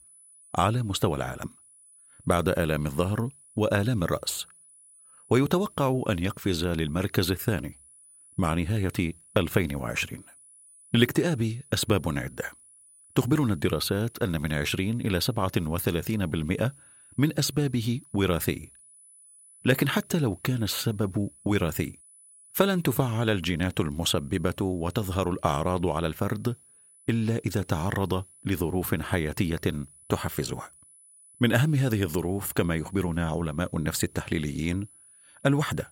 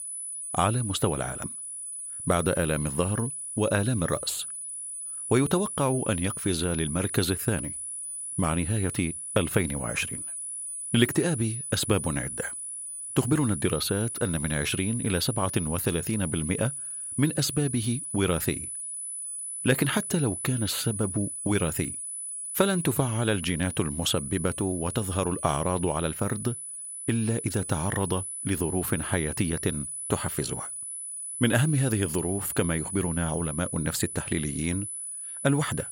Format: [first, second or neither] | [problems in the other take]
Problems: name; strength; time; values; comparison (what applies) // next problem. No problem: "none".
first | high-pitched whine; loud; throughout; 10 kHz, 5 dB below the speech; faint in the first